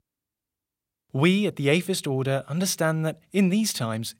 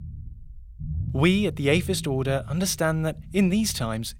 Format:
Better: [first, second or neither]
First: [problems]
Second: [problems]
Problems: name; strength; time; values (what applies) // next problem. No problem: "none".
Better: first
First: none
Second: low rumble; faint; throughout; 20 dB below the speech